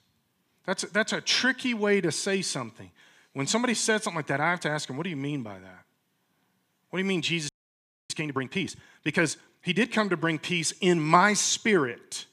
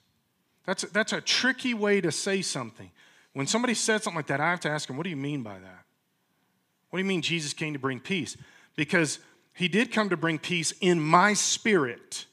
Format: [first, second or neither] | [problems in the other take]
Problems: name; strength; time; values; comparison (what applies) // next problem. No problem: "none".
second | audio freezing; at 7.5 s for 0.5 s